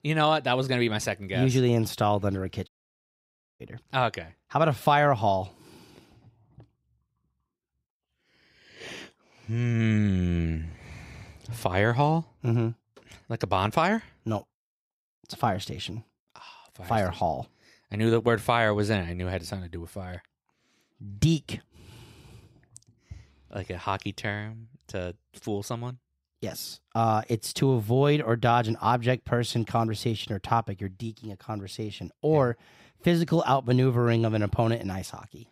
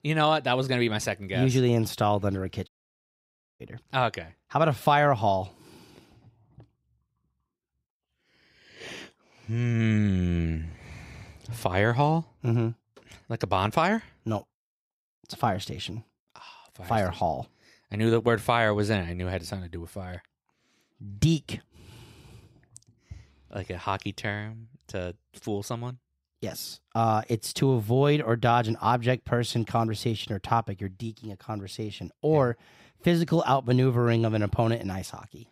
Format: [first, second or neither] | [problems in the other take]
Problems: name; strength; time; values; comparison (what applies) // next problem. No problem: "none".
neither | audio cutting out; at 2.5 s for 1 s; the same in both